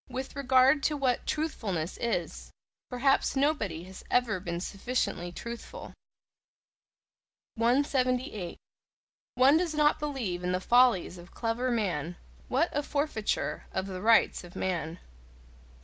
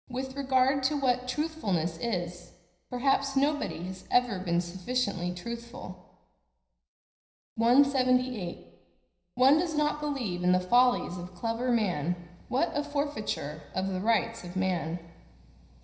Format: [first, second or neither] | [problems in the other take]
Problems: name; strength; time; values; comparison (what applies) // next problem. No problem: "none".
first | room echo; dies away in 0.9 s